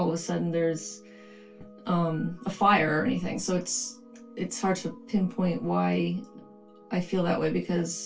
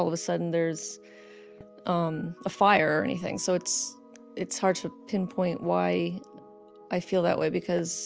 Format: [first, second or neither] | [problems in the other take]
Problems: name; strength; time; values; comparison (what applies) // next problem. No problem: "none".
second | room echo; dies away in 0.2 s